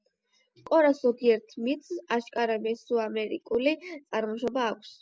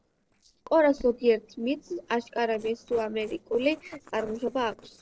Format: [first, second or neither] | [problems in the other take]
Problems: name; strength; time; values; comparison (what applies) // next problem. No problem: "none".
first | noise reduction (neural separator model SepFormer DNS4)